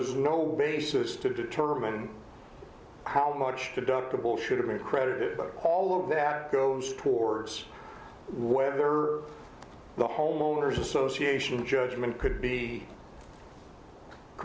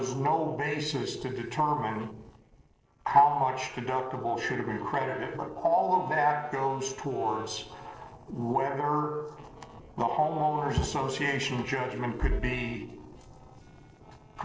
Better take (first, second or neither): first